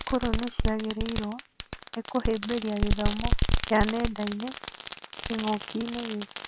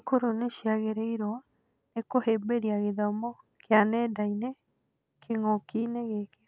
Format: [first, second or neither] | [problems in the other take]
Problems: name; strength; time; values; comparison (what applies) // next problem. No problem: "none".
second | background sound (Fireworks); 1 dB above the speech